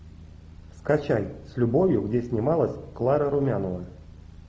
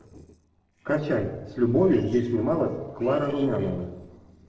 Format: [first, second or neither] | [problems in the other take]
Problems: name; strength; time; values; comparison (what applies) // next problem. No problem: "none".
first | noise reduction (neural separator model SepFormer DNS4)